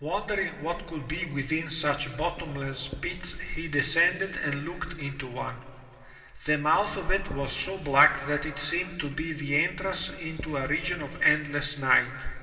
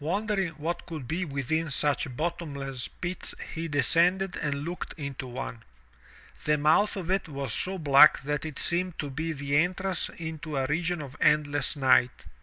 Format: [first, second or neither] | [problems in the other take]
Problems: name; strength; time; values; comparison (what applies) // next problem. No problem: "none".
second | background sound (Writing); 18 dB below the speech // room echo; dies away in 2.4 s